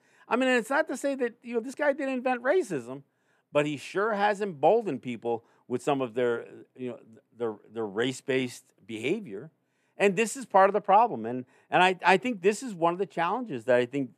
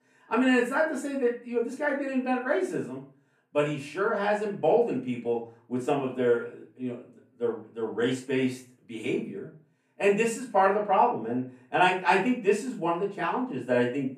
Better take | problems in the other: first | off-mic speech; far // room echo; slight; dies away in 0.3 s

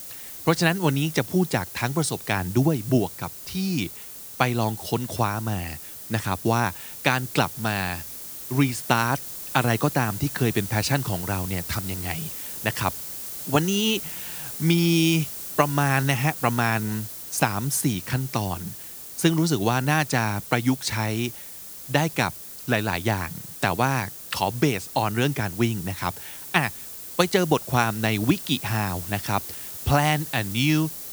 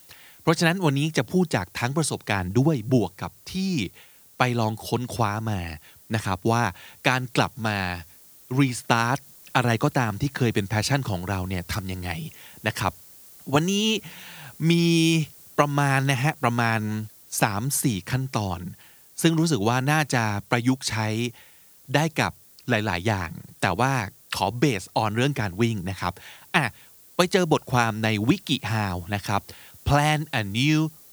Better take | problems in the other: second | hiss; loud; throughout; 10 dB below the speech; faint in the second

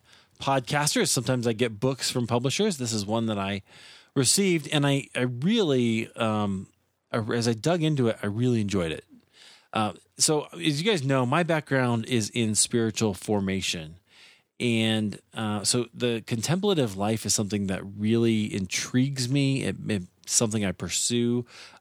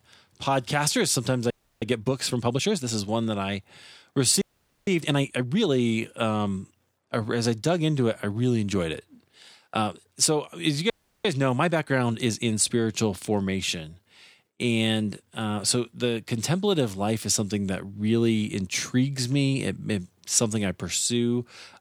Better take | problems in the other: first | audio freezing; at 1.5 s, at 4.5 s and at 11 s

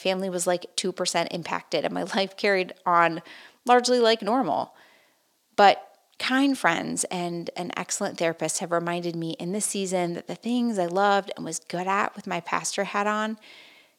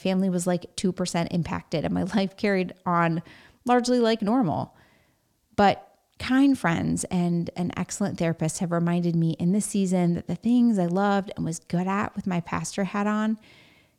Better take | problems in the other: second | thin; somewhat; fading below 400 Hz

